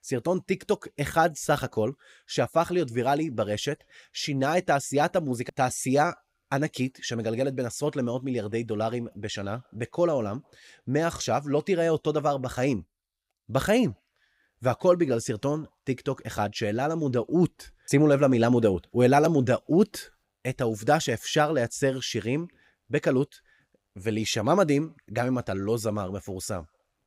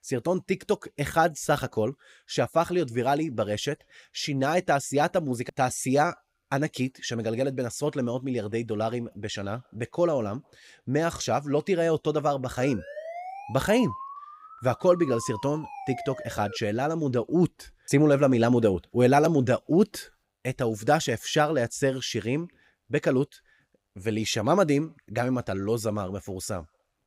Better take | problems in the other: first | siren; faint; from 13 to 17 s; peak 10 dB below the speech

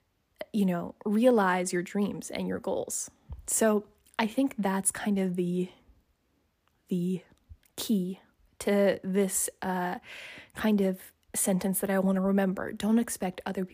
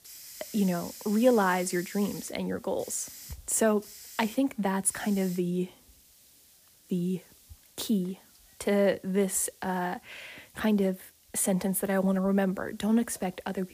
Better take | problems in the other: first | hiss; noticeable; throughout; 20 dB below the speech

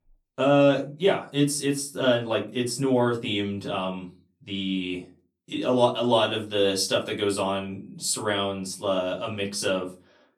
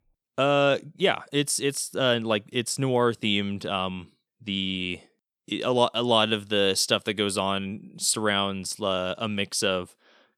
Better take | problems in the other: second | off-mic speech; far // room echo; very slight; dies away in 0.3 s

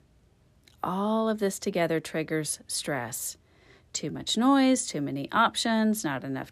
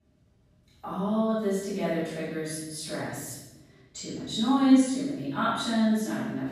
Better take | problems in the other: first | off-mic speech; far // room echo; strong; dies away in 1 s

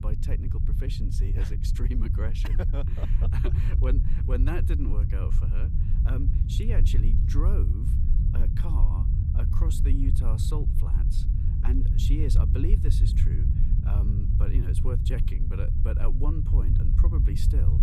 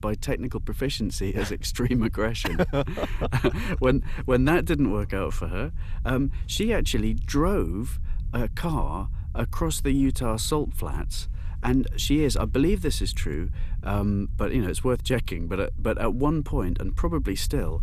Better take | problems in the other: second | low rumble; loud; throughout; 1 dB below the speech; faint in the second

